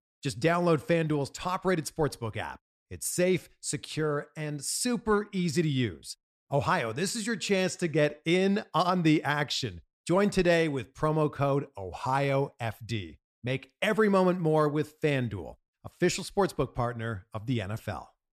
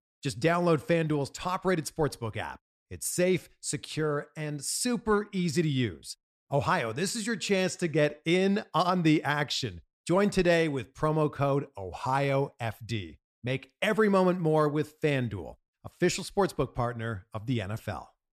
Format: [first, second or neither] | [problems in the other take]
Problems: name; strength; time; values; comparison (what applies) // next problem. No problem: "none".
neither | none